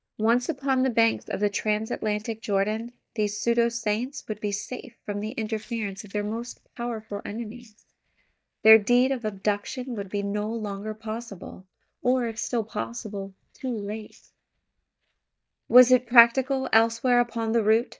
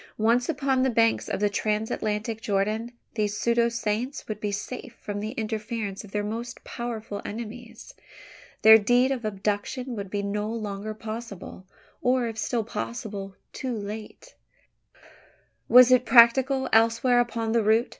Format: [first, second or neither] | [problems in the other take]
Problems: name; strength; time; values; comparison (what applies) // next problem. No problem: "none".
second | noise reduction (neural mask model DeepFilterNet 3)